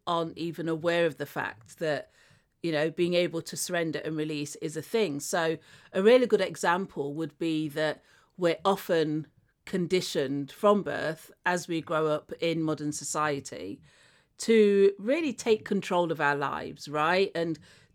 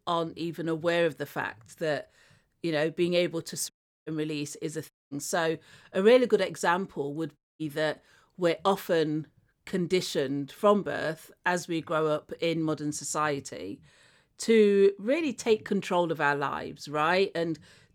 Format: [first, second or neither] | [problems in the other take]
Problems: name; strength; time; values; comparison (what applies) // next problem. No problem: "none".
first | audio cutting out; at 3.5 s, at 5 s and at 7.5 s